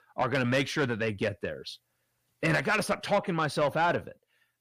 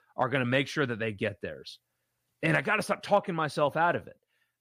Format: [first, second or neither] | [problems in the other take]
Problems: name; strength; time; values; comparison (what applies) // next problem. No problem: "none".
second | distortion; slight; 10 dB below the speech